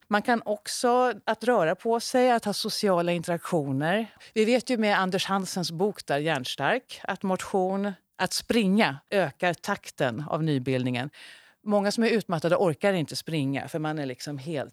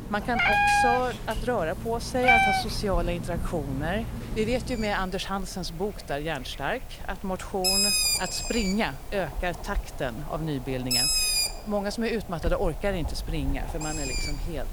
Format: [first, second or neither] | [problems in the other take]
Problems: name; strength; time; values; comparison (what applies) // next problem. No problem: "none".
first | animal sounds; very loud; throughout; 4 dB above the speech